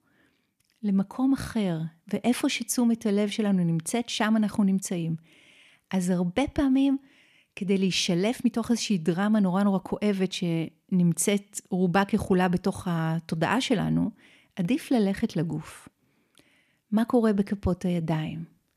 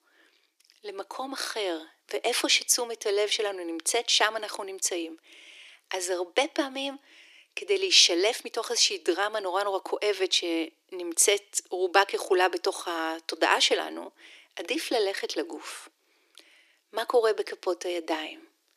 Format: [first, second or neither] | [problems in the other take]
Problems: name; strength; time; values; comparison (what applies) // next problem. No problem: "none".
first | thin; very; fading below 350 Hz